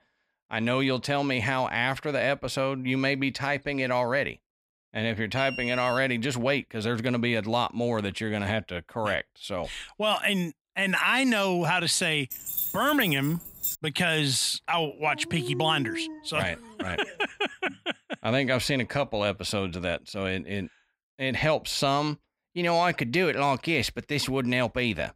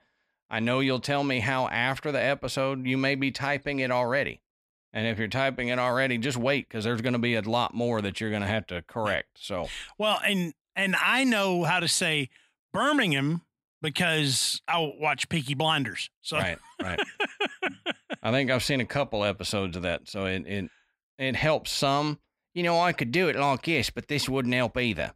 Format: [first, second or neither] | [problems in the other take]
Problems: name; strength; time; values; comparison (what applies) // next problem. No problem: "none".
second | alarm; noticeable; at 5.5 s; peak 7 dB below the speech // jangling keys; noticeable; from 12 to 14 s; peak 2 dB below the speech // dog barking; noticeable; from 15 to 17 s; peak 9 dB below the speech